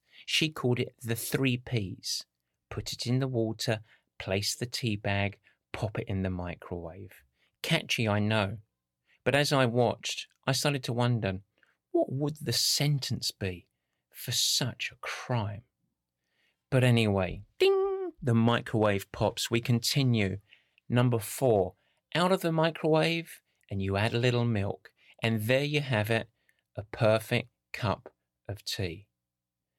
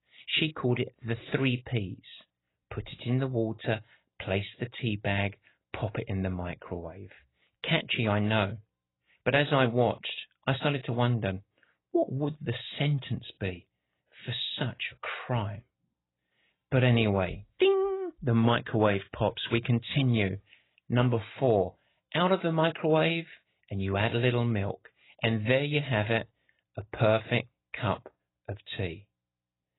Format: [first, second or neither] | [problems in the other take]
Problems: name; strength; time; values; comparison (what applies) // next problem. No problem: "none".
first | garbled, watery; badly; nothing above 4 kHz